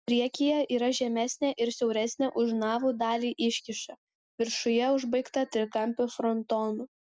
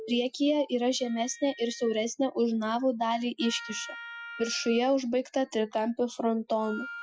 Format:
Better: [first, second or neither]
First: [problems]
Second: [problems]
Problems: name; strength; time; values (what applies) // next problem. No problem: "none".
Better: first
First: none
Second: noise reduction (classical method Wiener filter)